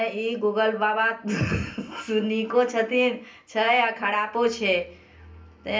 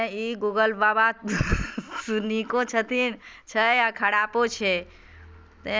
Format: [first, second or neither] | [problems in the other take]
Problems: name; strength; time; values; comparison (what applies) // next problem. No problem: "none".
second | room echo; dies away in 0.3 s